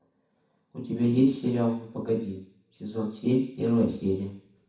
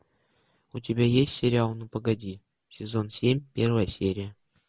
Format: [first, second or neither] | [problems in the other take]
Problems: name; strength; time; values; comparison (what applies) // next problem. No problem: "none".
second | room echo; dies away in 0.6 s